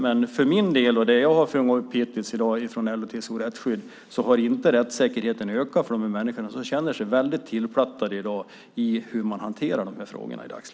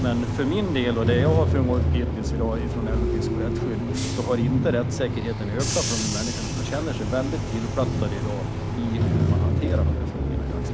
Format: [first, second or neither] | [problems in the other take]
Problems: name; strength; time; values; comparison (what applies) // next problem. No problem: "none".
first | background sound (Bus / Engine); 4 dB above the speech